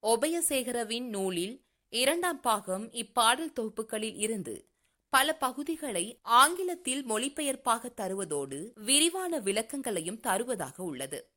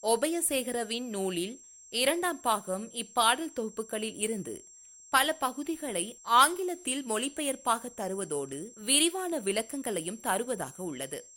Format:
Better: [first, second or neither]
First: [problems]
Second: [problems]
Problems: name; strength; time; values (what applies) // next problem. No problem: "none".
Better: first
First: none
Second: high-pitched whine; faint; throughout; 7.5 kHz, 20 dB below the speech